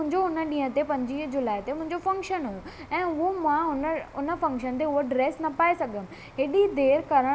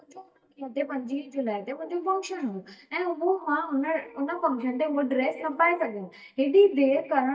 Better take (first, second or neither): first